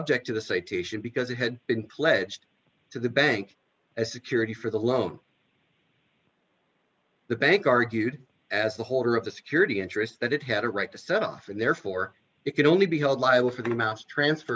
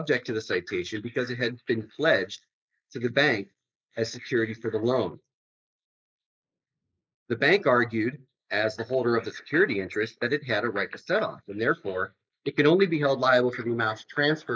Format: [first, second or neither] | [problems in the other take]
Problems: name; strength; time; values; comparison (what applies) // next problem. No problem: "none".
first | noise reduction (neural mask model Resemble Enhance denoiser)